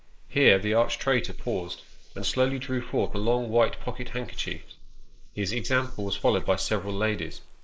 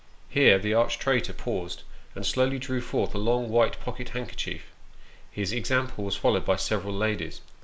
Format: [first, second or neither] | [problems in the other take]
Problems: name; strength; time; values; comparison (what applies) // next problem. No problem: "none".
second | noise reduction (neural mask model Resemble Enhance denoiser)